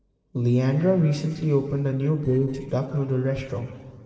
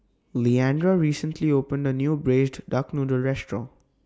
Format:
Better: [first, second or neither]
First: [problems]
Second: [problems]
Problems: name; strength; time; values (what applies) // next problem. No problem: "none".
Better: second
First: noise reduction (neural separator model SepFormer DNS4)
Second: none